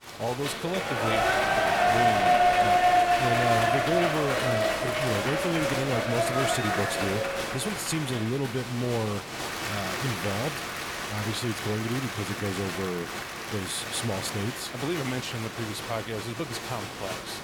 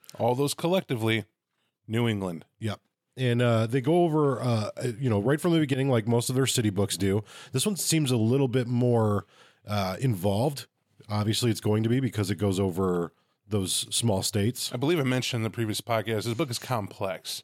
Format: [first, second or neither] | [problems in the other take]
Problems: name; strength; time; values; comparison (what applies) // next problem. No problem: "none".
second | crowd noise; very loud; throughout; 4 dB above the speech